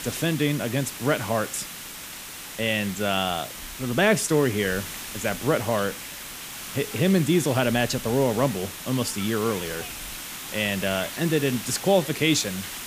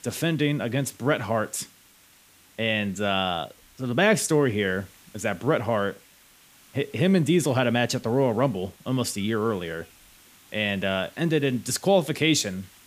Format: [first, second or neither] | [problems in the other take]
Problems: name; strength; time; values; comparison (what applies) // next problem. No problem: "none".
second | hiss; loud; throughout; 9 dB below the speech; faint in the second